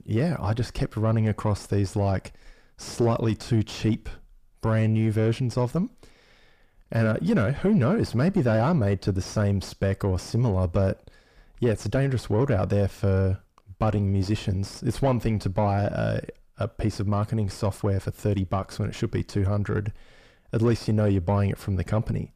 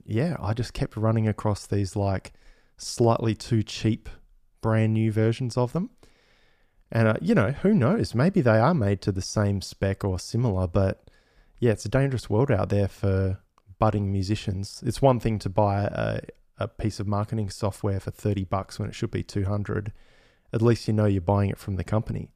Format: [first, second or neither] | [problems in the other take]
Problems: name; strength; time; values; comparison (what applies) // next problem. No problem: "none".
second | distortion; slight; 9 dB below the speech